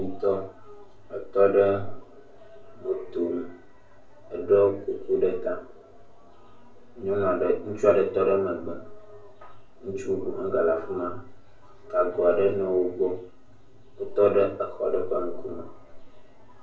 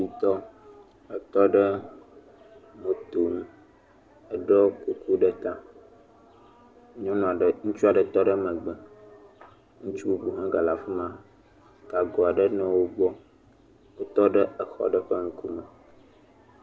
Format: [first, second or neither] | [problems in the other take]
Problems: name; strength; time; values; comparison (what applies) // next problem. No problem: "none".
second | room echo; dies away in 0.3 s